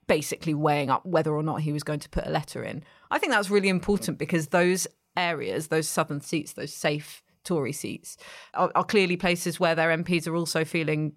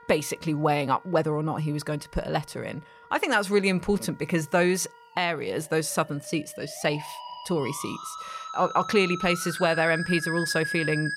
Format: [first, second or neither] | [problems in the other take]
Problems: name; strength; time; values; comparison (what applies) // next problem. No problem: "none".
first | background music; loud; throughout; 8 dB below the speech